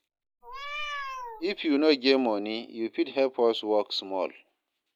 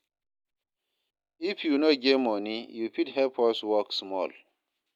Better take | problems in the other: second | background sound (Meow); 9 dB below the speech

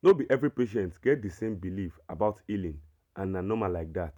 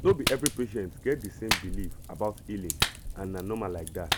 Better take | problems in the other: first | background sound (Clapping + Fire); 2 dB below the speech

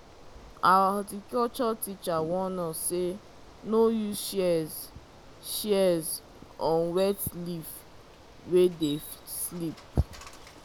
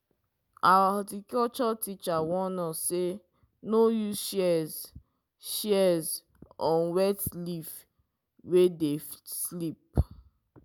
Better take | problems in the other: second | background sound (Bicycle); 20 dB below the speech

